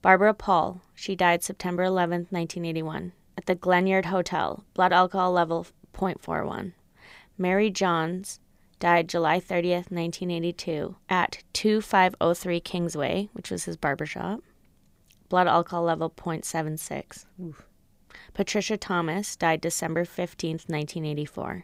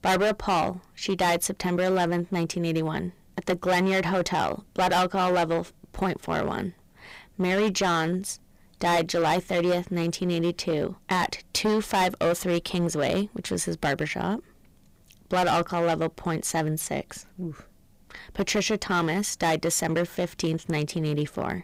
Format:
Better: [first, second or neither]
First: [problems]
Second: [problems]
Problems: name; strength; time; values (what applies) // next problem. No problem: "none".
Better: first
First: none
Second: distortion; heavy; 10% of the sound clipped